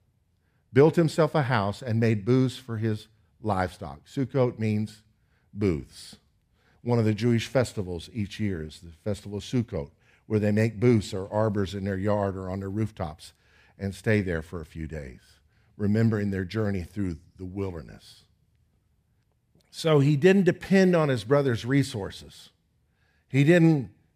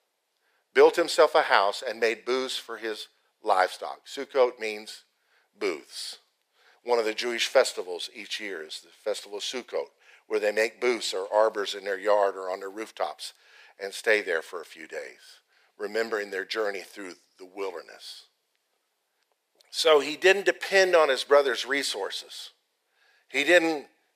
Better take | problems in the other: first | thin; very; fading below 450 Hz

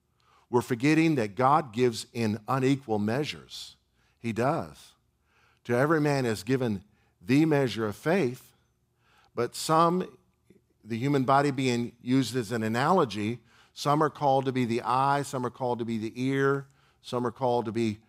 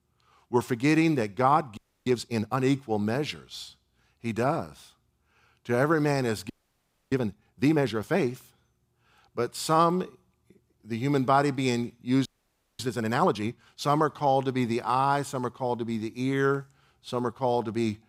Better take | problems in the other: first | audio freezing; at 2 s, at 6.5 s for 0.5 s and at 12 s for 0.5 s

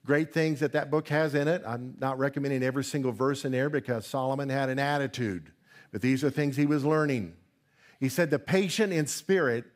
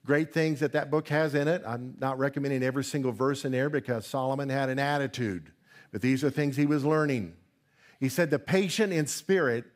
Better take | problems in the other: neither | none

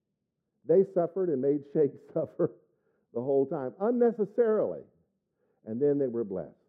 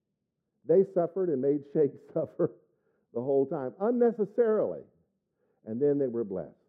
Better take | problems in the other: neither | muffled; very; fading above 1 kHz; the same in both

